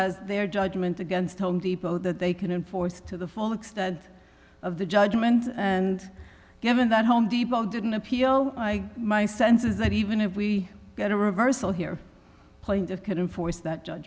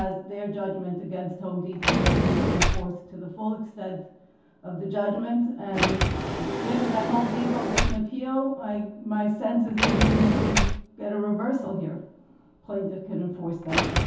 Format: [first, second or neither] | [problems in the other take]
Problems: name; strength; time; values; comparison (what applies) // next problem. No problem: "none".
first | background sound (Sliding door); 1 dB above the speech // room echo; dies away in 0.6 s